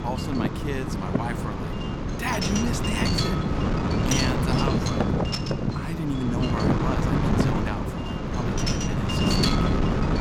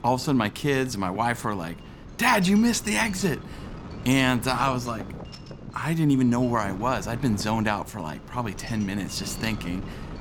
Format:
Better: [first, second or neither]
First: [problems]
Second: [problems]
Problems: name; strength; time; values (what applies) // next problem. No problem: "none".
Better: second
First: wind noise on the microphone; heavy; 5 dB above the speech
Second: wind noise on the microphone; occasional gusts; 15 dB below the speech